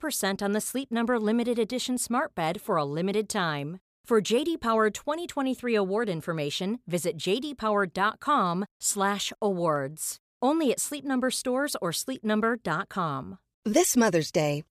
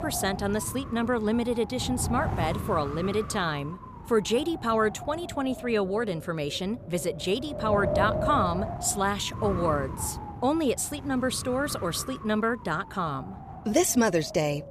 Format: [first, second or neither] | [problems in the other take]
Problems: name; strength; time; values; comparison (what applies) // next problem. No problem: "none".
first | wind noise on the microphone; heavy; 9 dB below the speech